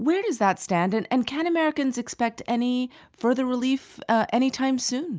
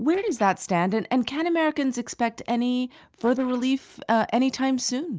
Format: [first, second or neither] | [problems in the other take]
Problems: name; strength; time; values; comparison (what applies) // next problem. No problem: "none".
first | noise reduction (neural separator model SepFormer DNS4)